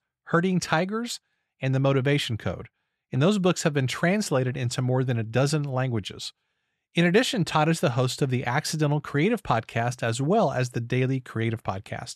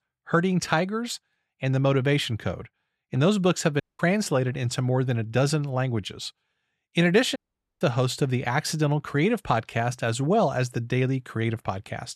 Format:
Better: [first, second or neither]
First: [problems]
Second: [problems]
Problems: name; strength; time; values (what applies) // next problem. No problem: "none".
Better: first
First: none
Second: audio cutting out; at 4 s and at 7.5 s